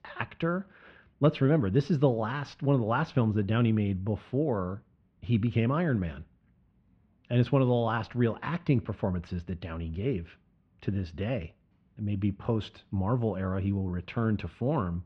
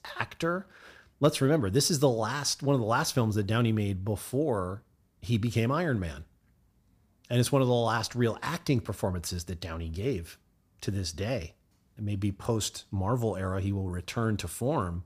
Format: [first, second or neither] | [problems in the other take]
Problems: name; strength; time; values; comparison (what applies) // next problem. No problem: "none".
second | muffled; very; fading above 3 kHz